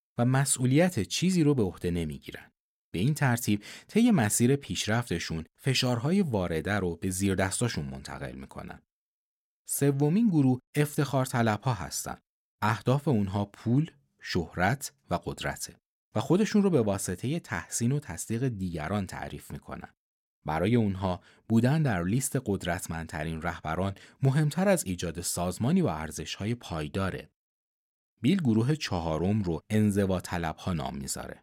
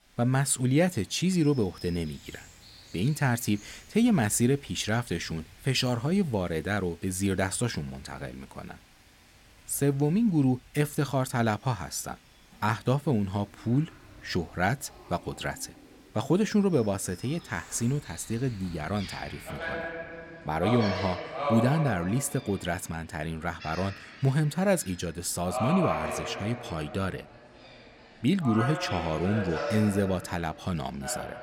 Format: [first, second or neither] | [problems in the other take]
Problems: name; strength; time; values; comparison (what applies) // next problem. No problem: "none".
first | animal sounds; loud; throughout; 9 dB below the speech